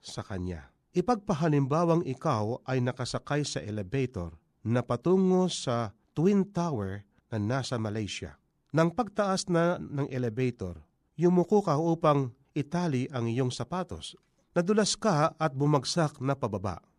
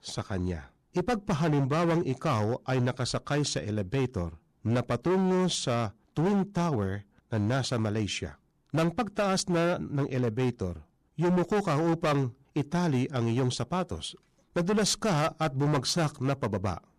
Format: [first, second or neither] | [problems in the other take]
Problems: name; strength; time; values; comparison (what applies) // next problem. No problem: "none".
first | distortion; heavy; 14% of the sound clipped